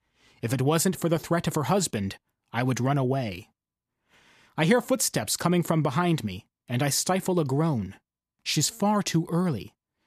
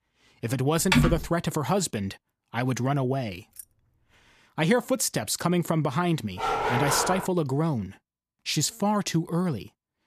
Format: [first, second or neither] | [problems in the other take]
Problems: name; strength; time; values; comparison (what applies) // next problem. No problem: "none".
first | keyboard typing; loud; at 1 s; peak 4 dB above the speech // jangling keys; faint; at 3.5 s; peak 20 dB below the speech // dog barking; loud; at 6.5 s; peak 1 dB above the speech